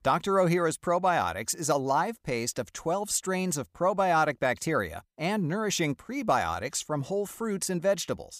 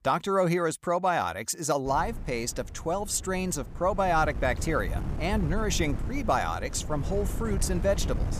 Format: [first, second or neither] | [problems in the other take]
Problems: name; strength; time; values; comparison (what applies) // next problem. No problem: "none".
first | wind noise on the microphone; occasional gusts; from 2 s on; 15 dB below the speech